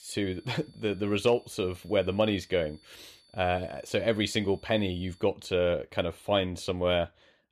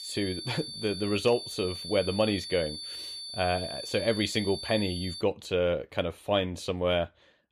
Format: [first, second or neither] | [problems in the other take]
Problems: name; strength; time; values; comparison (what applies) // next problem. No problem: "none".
first | high-pitched whine; loud; until 5 s; 4.5 kHz, 7 dB below the speech; faint in the first